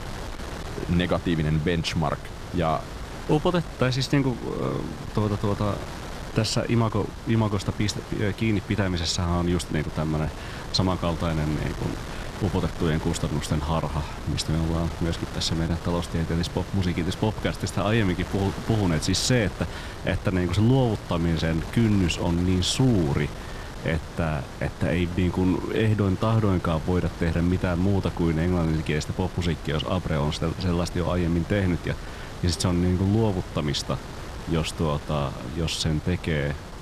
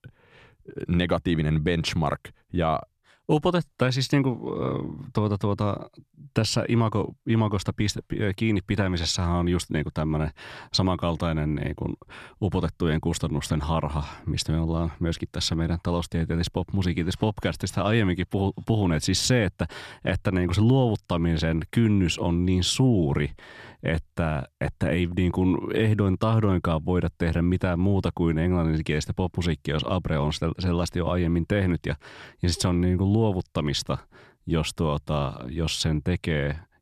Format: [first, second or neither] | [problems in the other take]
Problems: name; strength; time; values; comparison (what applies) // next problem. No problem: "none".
second | wind noise on the microphone; occasional gusts; 10 dB below the speech